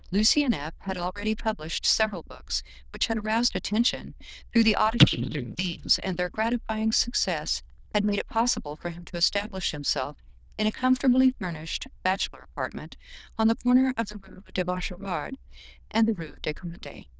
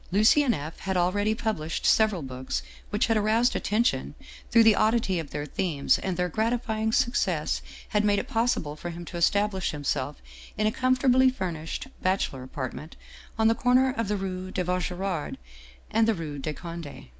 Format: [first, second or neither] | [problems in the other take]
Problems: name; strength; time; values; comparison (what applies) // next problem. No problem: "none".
second | noise reduction (neural diffusion model UNIVERSE++)